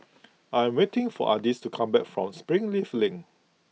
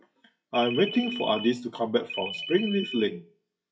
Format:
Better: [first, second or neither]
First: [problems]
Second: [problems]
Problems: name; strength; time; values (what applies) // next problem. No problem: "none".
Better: first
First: none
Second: noise reduction (classical method WPE with log-MMSE)